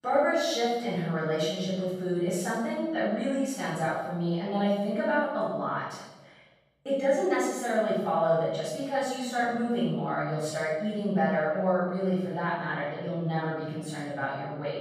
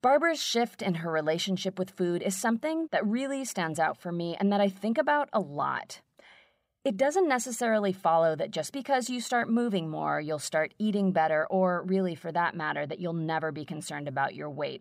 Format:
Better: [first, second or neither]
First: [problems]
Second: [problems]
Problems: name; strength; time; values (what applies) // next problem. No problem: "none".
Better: second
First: room echo; strong; dies away in 1 s // off-mic speech; far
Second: none